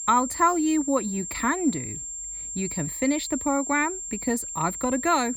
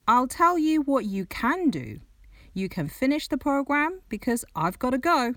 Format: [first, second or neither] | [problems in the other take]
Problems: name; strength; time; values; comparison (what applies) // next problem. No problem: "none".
second | high-pitched whine; loud; throughout; 7.5 kHz, 6 dB below the speech